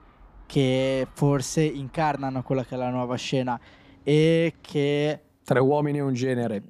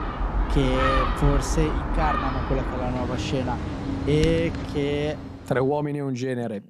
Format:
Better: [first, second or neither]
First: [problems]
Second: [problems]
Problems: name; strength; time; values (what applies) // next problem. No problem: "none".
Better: first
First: animal sounds; faint; until 5.5 s; 30 dB below the speech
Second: animal sounds; loud; until 5.5 s; 1 dB below the speech